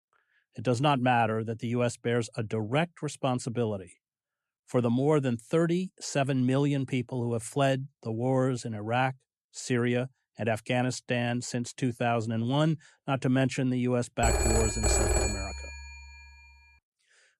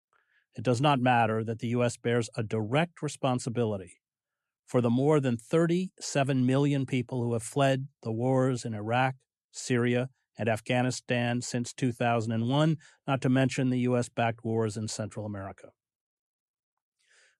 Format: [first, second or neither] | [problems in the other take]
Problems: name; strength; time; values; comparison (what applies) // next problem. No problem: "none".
second | phone ringing; loud; from 14 to 16 s; peak 4 dB above the speech